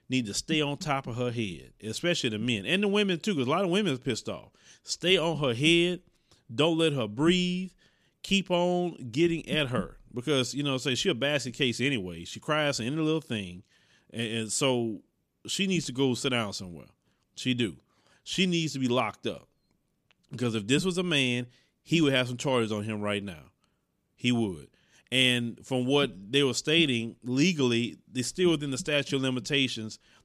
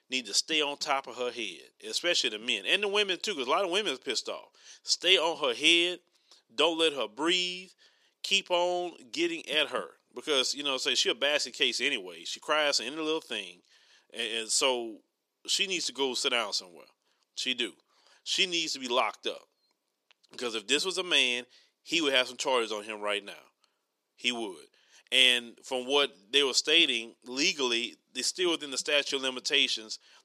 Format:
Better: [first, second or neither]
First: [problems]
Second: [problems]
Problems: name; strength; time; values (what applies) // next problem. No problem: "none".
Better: first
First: none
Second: thin; somewhat; fading below 400 Hz